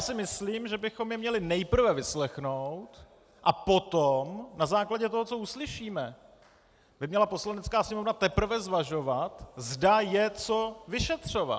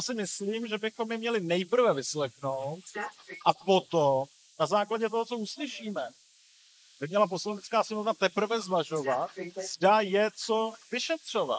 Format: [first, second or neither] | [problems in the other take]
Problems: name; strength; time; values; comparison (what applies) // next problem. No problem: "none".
first | noise reduction (neural mask model Resemble Enhance denoiser)